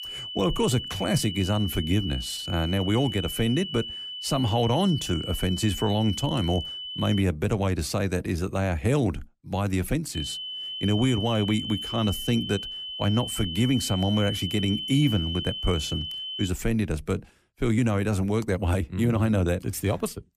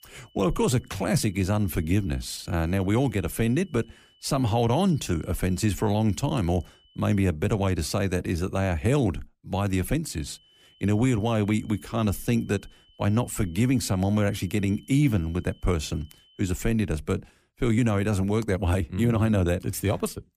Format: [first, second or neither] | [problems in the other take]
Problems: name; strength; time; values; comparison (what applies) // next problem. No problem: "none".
second | high-pitched whine; loud; until 7 s and from 10 to 16 s; 3 kHz, 6 dB below the speech; faint in the second